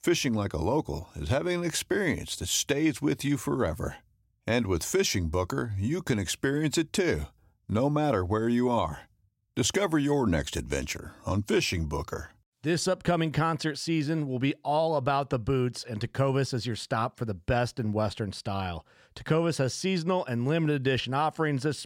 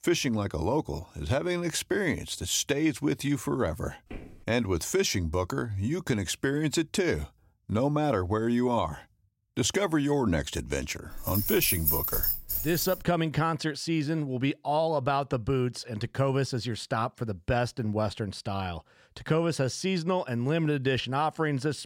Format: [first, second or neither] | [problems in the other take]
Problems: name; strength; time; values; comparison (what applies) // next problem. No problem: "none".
first | footsteps; faint; at 4 s; peak 15 dB below the speech // jangling keys; loud; from 11 to 13 s; peak 4 dB above the speech